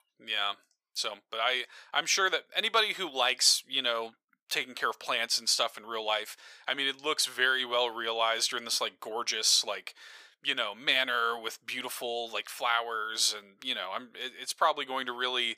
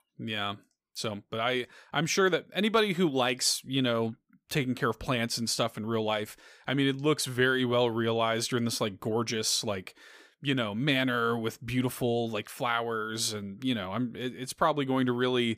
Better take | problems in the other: second | thin; very; fading below 750 Hz

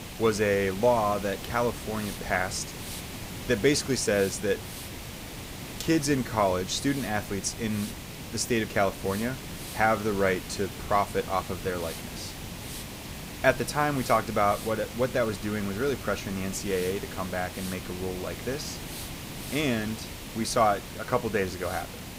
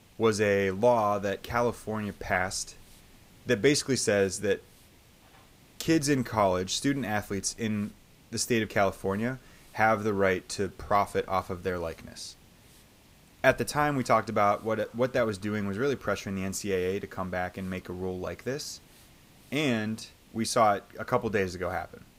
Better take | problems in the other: second | hiss; loud; throughout; 10 dB below the speech; faint in the second

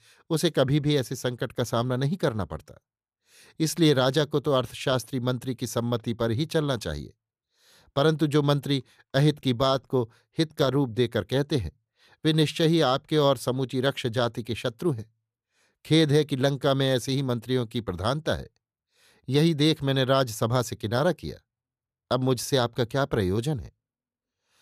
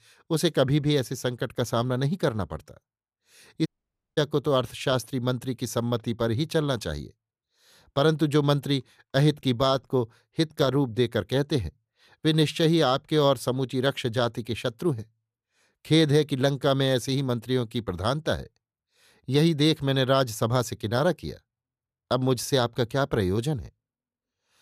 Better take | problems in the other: first | audio cutting out; at 3.5 s for 0.5 s

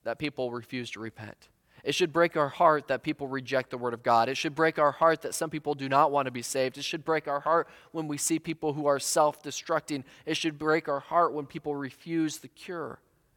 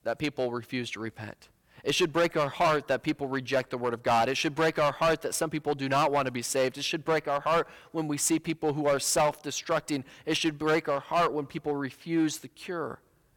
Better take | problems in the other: first | distortion; heavy; 6% of the sound clipped

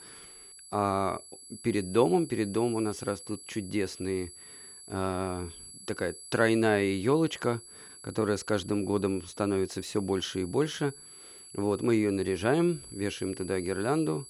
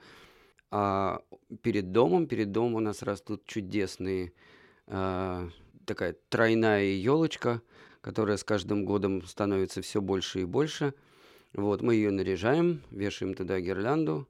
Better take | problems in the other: second | high-pitched whine; noticeable; throughout; 11 kHz, 15 dB below the speech

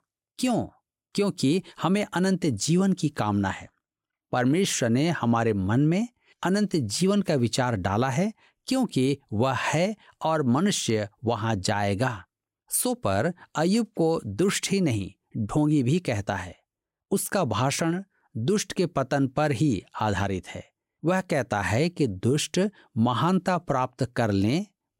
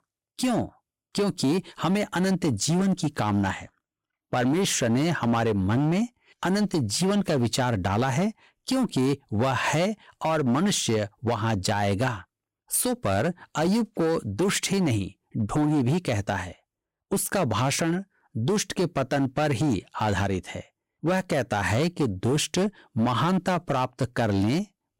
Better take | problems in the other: first | distortion; slight; 12% of the sound clipped

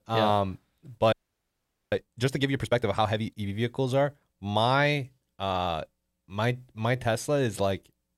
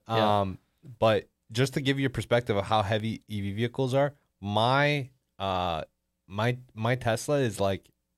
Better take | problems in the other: second | audio freezing; at 1 s for 1 s

